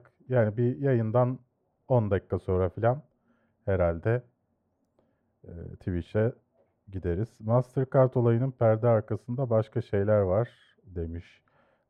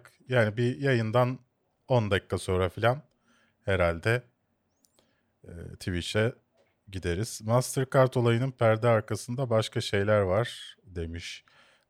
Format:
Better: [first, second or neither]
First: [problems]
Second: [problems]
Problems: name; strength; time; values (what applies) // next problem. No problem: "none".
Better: second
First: muffled; very; fading above 2 kHz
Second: none